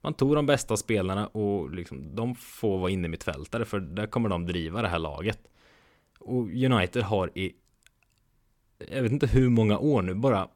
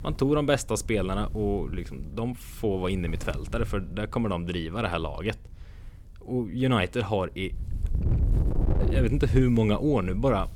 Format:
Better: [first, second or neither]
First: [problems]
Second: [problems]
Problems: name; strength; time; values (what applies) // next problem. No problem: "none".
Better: first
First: none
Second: wind noise on the microphone; occasional gusts; 15 dB below the speech